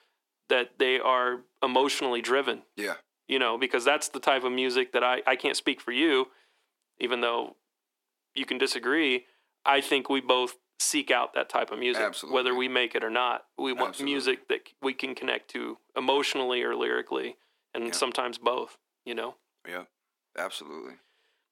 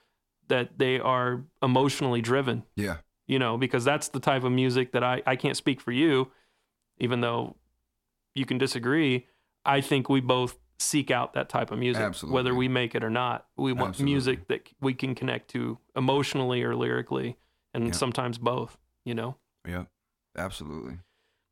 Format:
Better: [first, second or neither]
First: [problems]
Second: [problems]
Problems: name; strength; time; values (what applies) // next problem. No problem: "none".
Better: second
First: thin; somewhat; fading below 300 Hz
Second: none